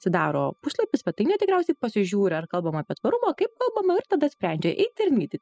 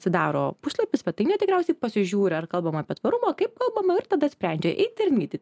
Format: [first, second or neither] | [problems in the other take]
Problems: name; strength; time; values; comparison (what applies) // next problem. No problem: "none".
second | noise reduction (classical method spectral subtraction)